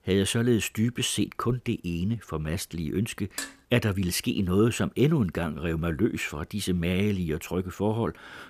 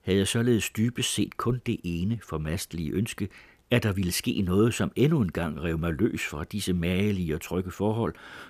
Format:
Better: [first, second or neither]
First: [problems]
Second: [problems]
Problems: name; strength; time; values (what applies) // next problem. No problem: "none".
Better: second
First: clattering dishes; noticeable; at 3.5 s; peak 9 dB below the speech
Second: none